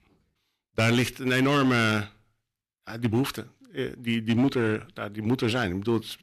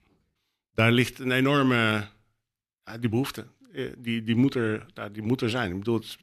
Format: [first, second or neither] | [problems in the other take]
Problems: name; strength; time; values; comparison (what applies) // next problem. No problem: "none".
second | distortion; slight; 7% of the sound clipped